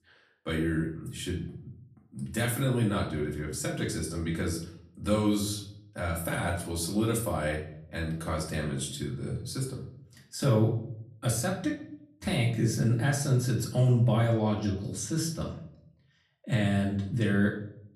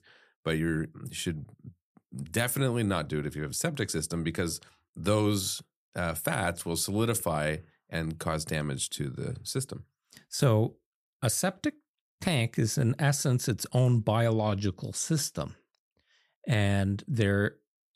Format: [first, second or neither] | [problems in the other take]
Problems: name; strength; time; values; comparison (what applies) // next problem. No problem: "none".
second | off-mic speech; far // room echo; slight; dies away in 0.5 s